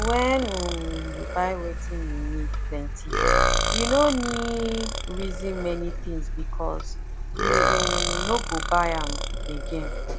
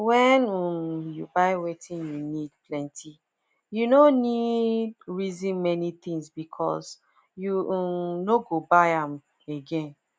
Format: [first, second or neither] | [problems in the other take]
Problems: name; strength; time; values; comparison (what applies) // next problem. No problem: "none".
second | background sound (Burping, eructation + Car); 2 dB above the speech